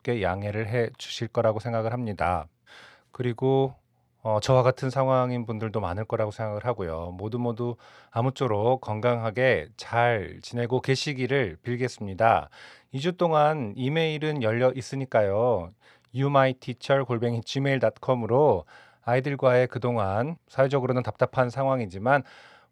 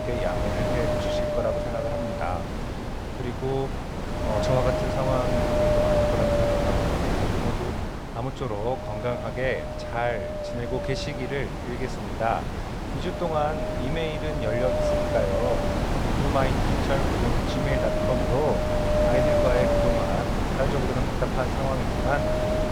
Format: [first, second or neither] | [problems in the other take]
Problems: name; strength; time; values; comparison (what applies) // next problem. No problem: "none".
first | wind noise on the microphone; heavy; 3 dB above the speech